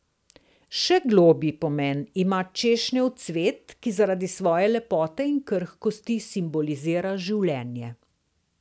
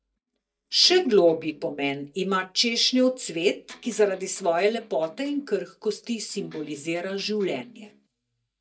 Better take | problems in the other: first | noise reduction (neural mask model DeepFilterNet 3)

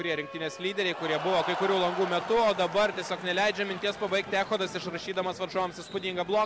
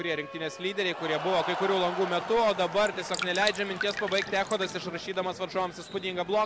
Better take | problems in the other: first | background sound (Drip); 9 dB below the speech

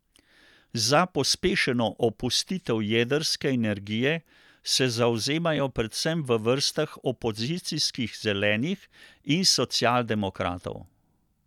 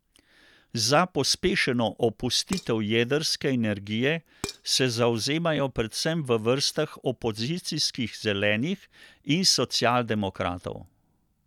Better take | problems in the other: first | background sound (Dishes, pots, and pans); 14 dB below the speech

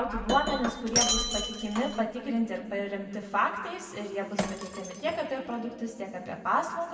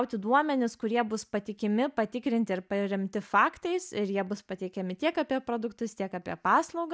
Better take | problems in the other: second | background sound (Shatter); 4 dB below the speech // room echo; dies away in 2 s

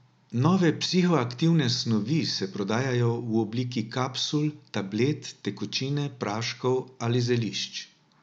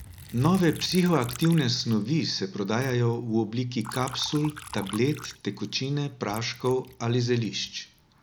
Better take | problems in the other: first | background sound (Liquid); 18 dB below the speech

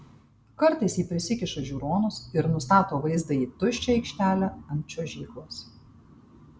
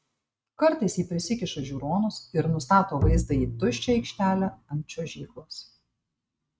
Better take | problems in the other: first | noise reduction (neural mask model RNNoise)

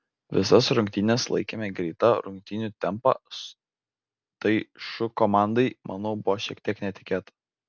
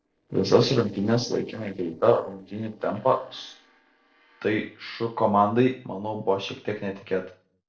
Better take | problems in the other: first | noise reduction (neural separator model SepFormer DNS4)

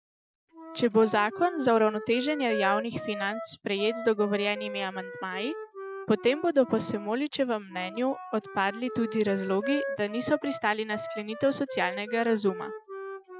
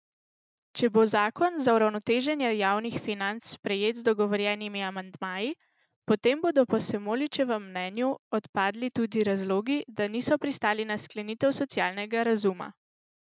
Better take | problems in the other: second | noise reduction (classical method Wiener filter)

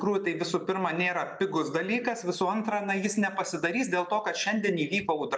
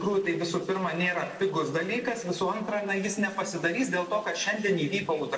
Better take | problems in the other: first | noise reduction (neural separator model SepFormer DNS4)

